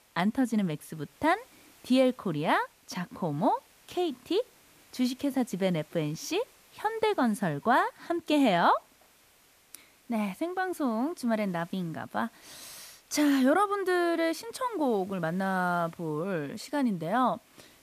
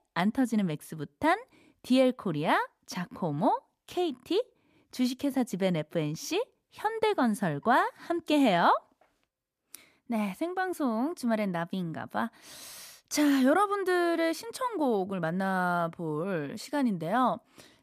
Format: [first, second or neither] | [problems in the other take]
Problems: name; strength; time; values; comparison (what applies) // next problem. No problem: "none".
second | hiss; faint; throughout; 30 dB below the speech